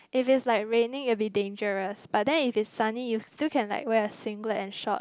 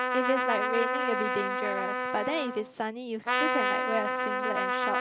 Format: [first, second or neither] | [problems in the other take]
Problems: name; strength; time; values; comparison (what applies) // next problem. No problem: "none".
first | background sound (Trumpet); 3 dB above the speech